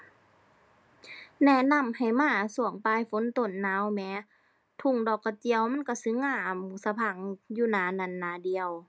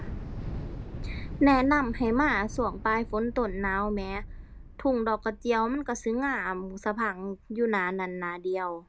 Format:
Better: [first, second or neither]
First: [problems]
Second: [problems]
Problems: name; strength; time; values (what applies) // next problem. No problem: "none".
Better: first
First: none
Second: background sound (Thunder / Explosion); 11 dB below the speech